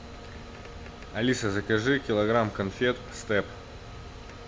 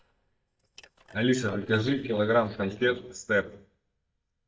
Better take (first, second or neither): first